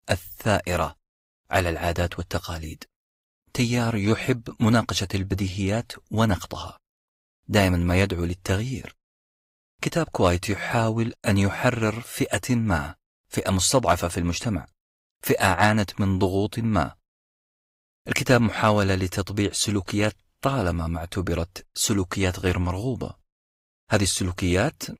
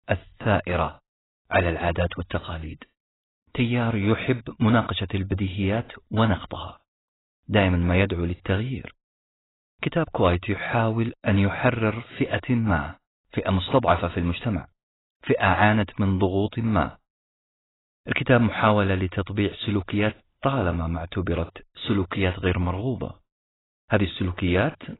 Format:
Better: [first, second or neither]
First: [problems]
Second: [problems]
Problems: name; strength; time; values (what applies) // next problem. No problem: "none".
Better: first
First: garbled, watery; slightly; nothing above 15.5 kHz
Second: garbled, watery; badly; nothing above 4 kHz